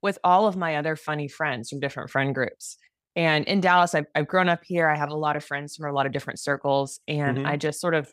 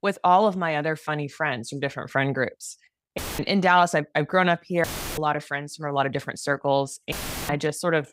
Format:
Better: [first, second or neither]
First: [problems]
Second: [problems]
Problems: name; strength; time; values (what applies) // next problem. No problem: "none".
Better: first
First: none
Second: audio cutting out; filled with static; at 3 s, at 5 s and at 7 s